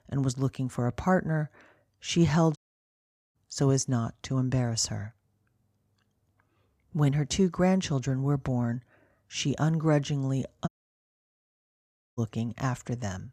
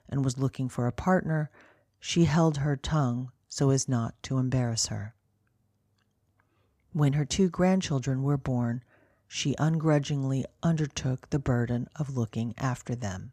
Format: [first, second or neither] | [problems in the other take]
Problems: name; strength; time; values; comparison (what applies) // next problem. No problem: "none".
second | audio cutting out; at 2.5 s for 1 s and at 11 s for 1.5 s